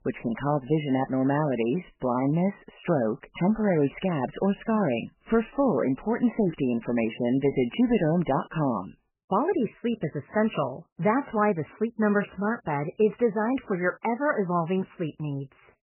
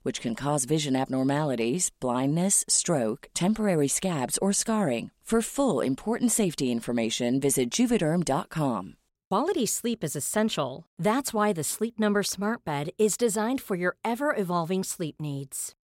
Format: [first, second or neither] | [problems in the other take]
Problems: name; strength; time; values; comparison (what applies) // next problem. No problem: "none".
second | garbled, watery; badly; nothing above 3 kHz